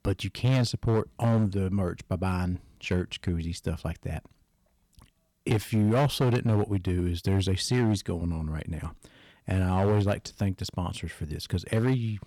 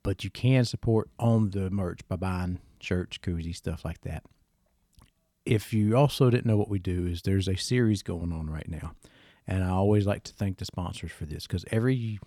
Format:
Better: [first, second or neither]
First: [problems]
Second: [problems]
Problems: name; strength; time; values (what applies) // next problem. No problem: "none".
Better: second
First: distortion; slight; 6% of the sound clipped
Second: none